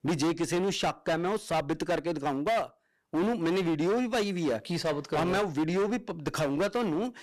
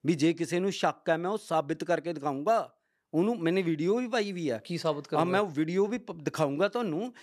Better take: second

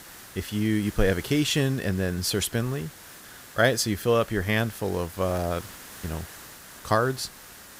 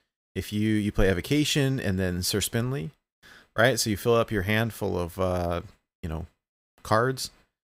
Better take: second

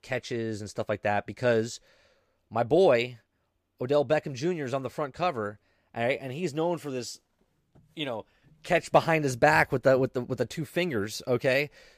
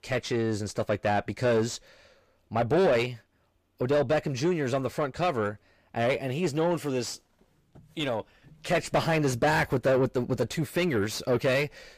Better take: first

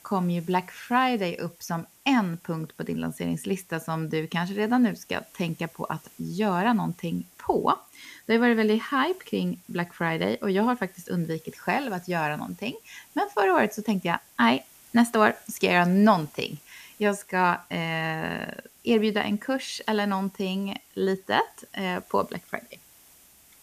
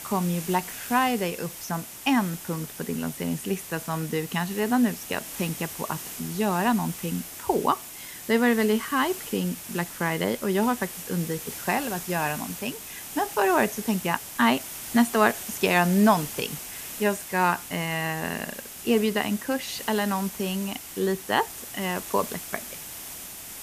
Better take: first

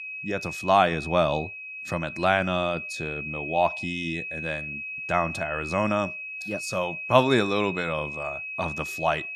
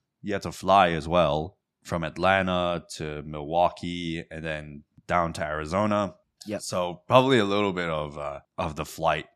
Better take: second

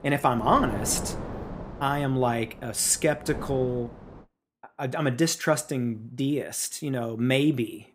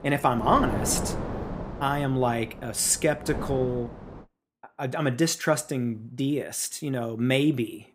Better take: first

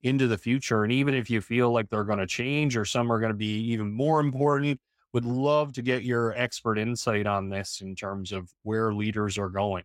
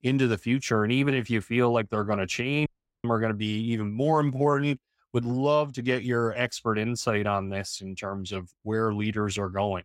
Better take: first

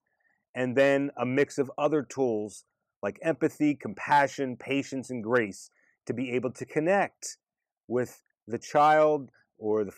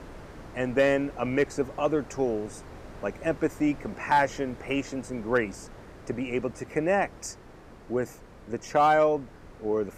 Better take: first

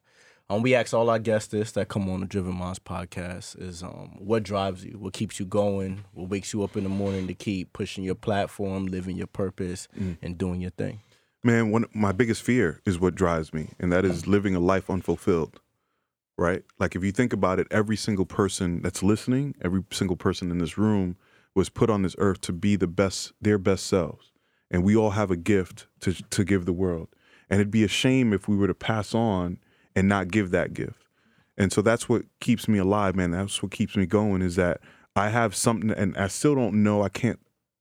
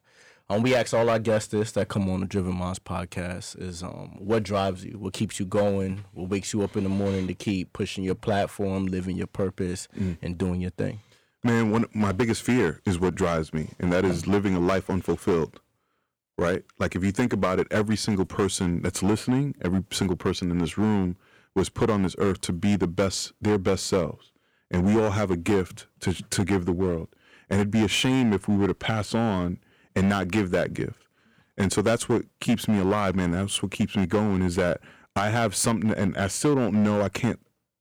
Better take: first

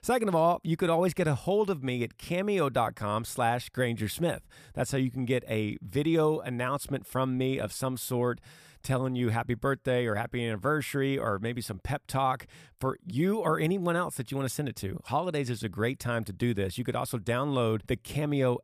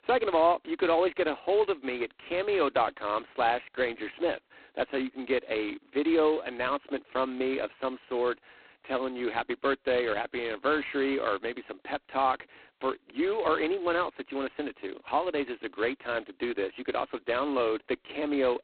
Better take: first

